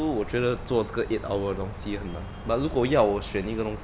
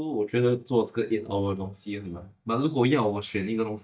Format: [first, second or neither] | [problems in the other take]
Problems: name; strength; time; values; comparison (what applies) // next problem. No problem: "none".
first | noise reduction (neural mask model DeepFilterNet 3)